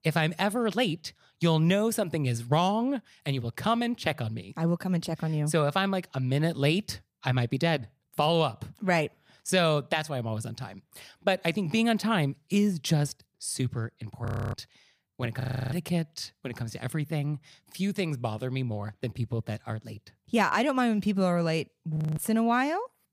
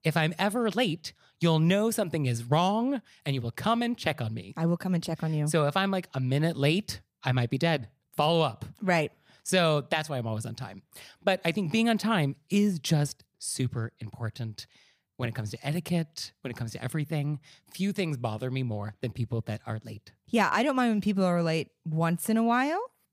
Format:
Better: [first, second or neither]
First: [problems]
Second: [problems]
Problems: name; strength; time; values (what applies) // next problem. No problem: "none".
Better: second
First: audio freezing; at 14 s, at 15 s and at 22 s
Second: none